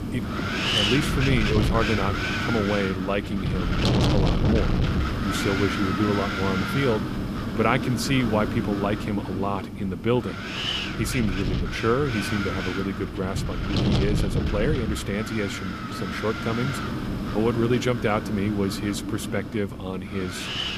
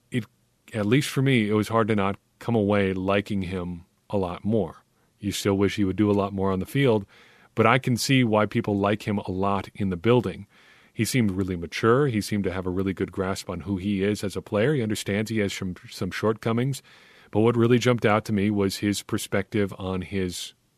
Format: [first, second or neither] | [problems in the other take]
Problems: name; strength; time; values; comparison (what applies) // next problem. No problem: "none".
second | wind noise on the microphone; heavy; as loud as the speech